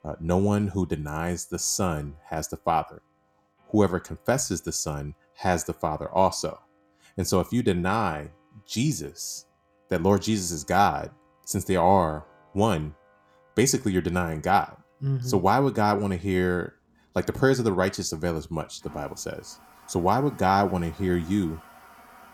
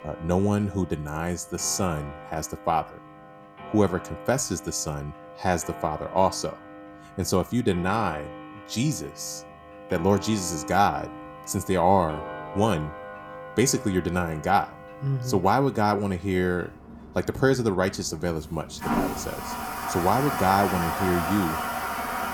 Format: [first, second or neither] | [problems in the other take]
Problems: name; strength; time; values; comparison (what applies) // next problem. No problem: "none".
first | household noises; loud; throughout; 9 dB below the speech; faint in the first